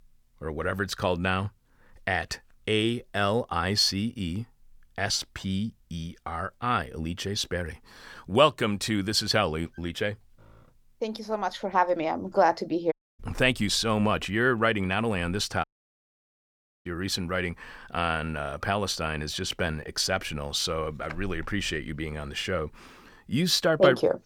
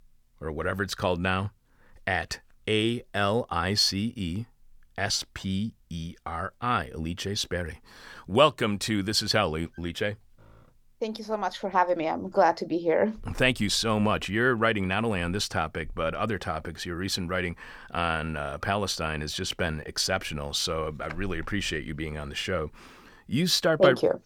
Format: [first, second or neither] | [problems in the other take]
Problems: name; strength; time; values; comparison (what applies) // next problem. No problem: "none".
second | audio cutting out; at 13 s and at 16 s for 1 s